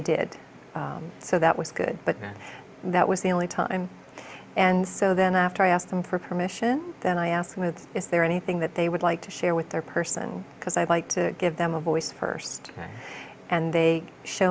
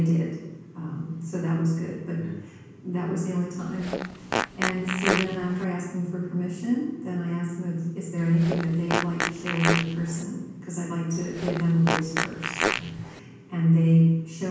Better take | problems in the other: first | background sound (Fart); 3 dB below the speech // room echo; dies away in 1.2 s

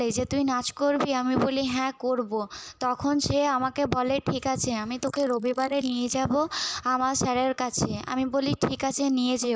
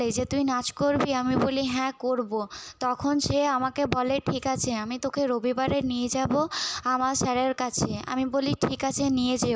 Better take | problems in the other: second | noise reduction (neural mask model Resemble Enhance denoiser)

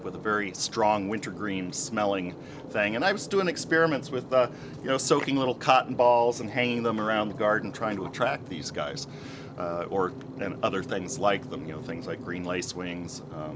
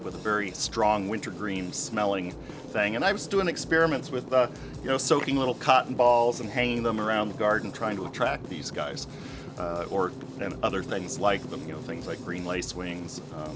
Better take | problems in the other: first | background sound (Drum kit); 19 dB below the speech

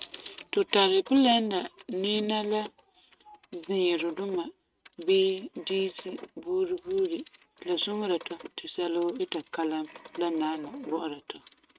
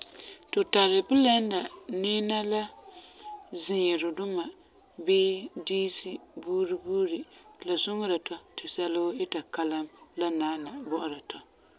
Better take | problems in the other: second | noise reduction (neural mask model RNNoise)

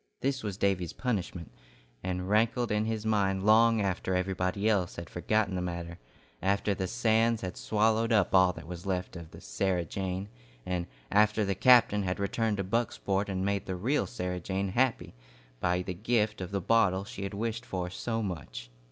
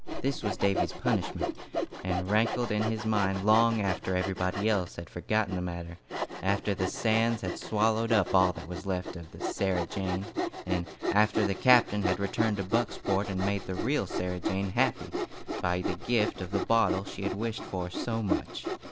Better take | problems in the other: first | background sound (Sawing); 5 dB below the speech

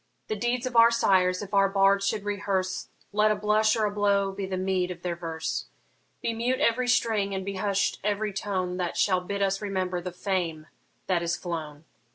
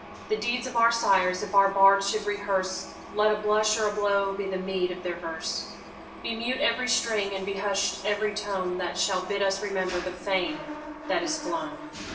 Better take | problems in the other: first | background sound (Mechanisms); 13 dB below the speech // room echo; dies away in 0.8 s

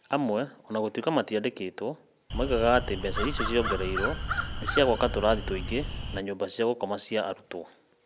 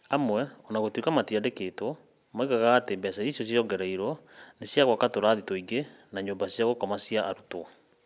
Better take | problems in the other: second | background sound (Crow); 3 dB below the speech

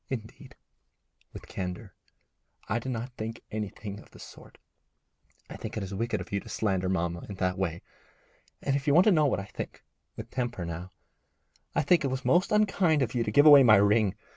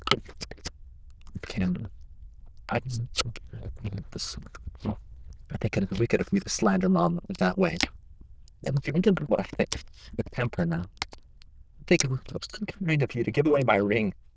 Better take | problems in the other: first | noise reduction (neural diffusion model UNIVERSE++)

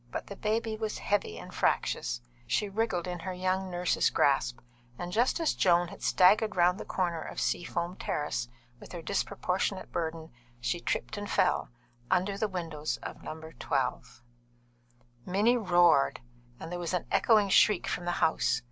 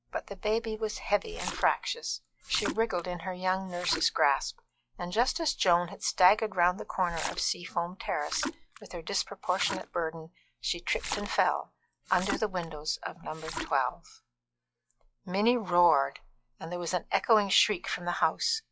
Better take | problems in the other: first | noise reduction (classical method log-MMSE)

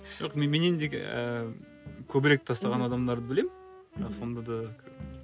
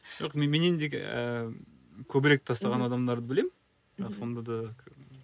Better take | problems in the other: second | background sound (Crowd + Wind instrument, woodwind instrument); 18 dB below the speech

